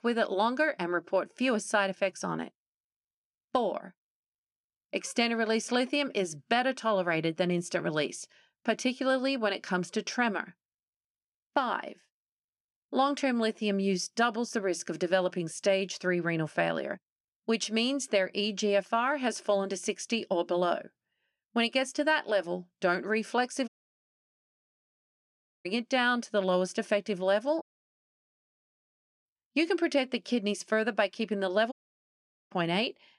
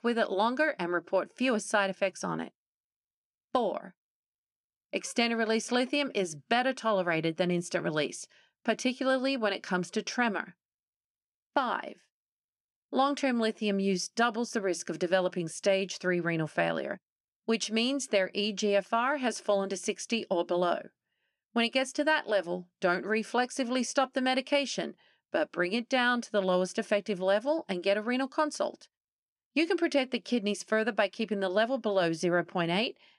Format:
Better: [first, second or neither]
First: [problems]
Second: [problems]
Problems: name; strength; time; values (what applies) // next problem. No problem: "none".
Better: second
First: audio cutting out; at 24 s for 2 s, at 28 s for 1.5 s and at 32 s for 1 s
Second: none